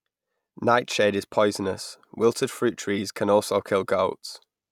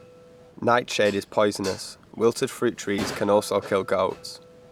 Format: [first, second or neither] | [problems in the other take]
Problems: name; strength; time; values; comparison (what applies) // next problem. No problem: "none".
first | background sound (Dishes, pots, and pans); 17 dB below the speech